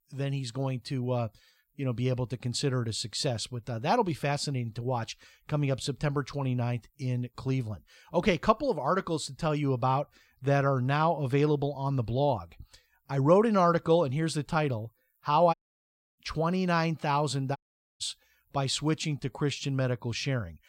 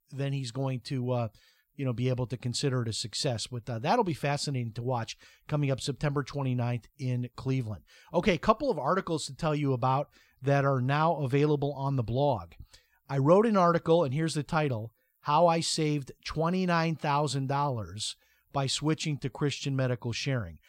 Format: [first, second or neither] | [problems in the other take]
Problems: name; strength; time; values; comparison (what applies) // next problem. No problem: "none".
second | audio cutting out; at 16 s for 0.5 s and at 18 s